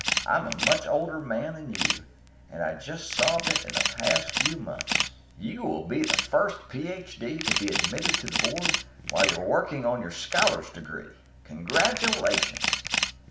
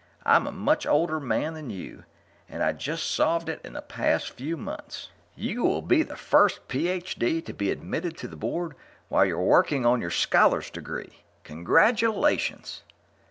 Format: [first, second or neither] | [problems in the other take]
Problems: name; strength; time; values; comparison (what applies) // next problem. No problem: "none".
second | background sound (Camera); as loud as the speech // room echo; dies away in 0.6 s